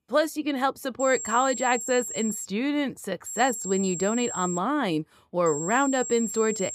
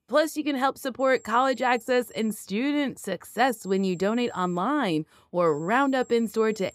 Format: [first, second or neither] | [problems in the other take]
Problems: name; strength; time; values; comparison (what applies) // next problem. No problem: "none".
second | high-pitched whine; loud; from 1 to 2.5 s, from 3.5 to 4.5 s and from 5.5 s on; 7.5 kHz, 6 dB below the speech; faint in the second